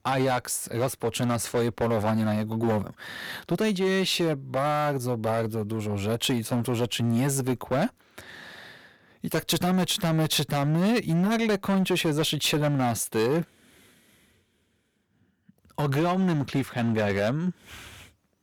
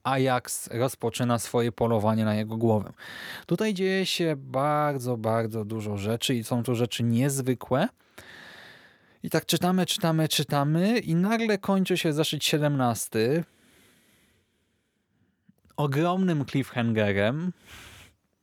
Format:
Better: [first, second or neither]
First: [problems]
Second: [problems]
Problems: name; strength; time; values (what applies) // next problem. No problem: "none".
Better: second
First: distortion; slight; 10% of the sound clipped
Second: none